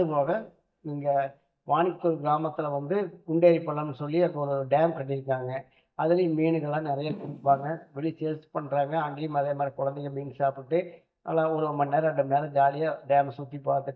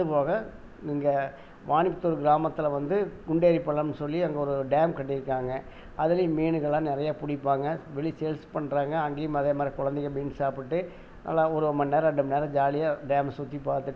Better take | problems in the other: second | noise reduction (neural mask model DeepFilterNet 3)

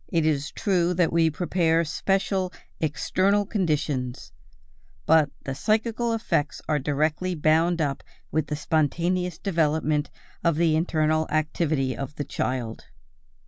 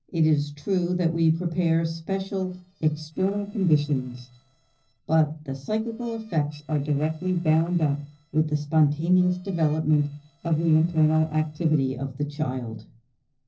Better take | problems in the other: first | noise reduction (neural separator model SepFormer DNS4)

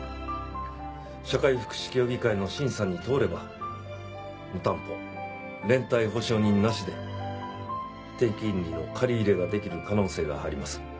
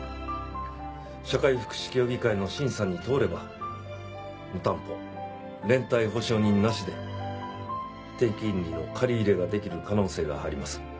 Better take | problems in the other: second | background sound (Wind instrument, woodwind instrument); 19 dB below the speech

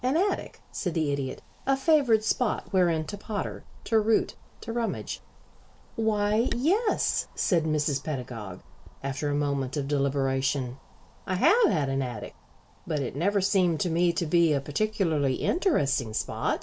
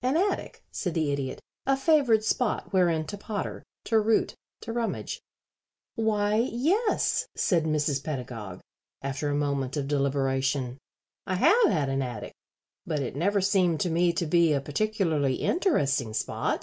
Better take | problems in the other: second | background sound (Wind); 17 dB below the speech

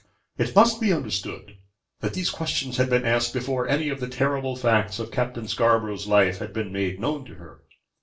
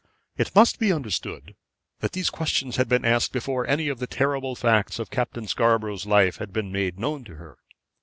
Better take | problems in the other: second | room echo; dies away in 0.3 s

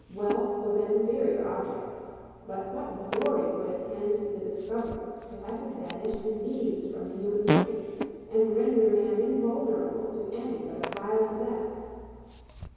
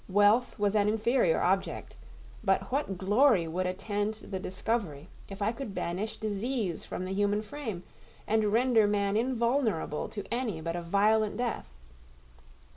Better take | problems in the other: second | background sound (Fart); 9 dB below the speech // room echo; dies away in 2.2 s

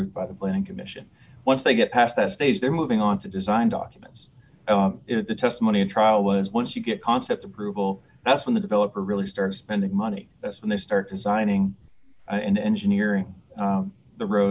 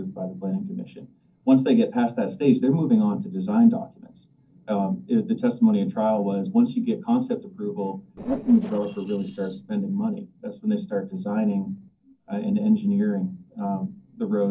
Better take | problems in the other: first | noise reduction (neural separator model SepFormer DNS4)

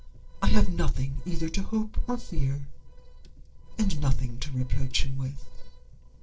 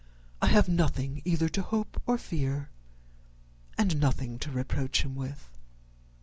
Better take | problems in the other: second | noise reduction (neural separator model SepFormer DNS4)

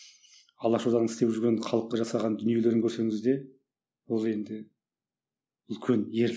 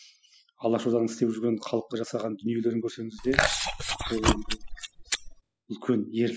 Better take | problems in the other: first | noise reduction (classical method spectral subtraction)

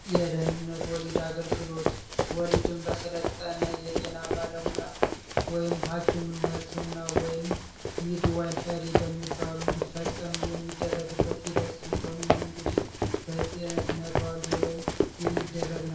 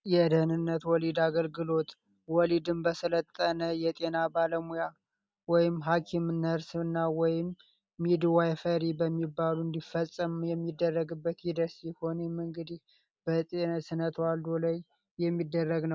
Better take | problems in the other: second | background sound (Run); 3 dB above the speech // room echo; dies away in 0.5 s

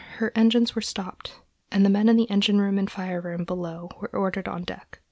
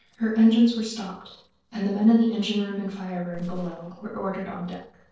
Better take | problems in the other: first | noise reduction (neural separator model SepFormer DNS4)

